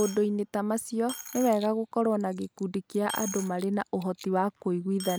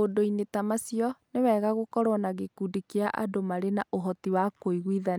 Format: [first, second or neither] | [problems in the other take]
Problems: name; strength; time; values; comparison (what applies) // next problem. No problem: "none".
second | background sound (Coin (dropping)); 16 dB below the speech